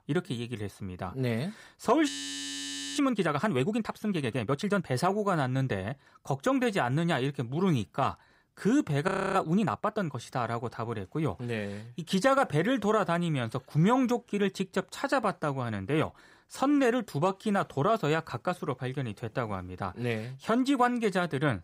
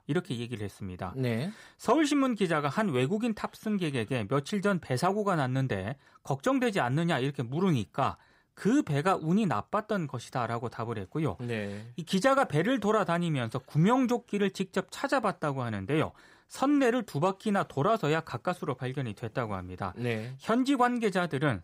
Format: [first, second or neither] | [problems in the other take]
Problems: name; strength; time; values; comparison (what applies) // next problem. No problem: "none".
second | audio freezing; at 2 s for 1 s and at 9 s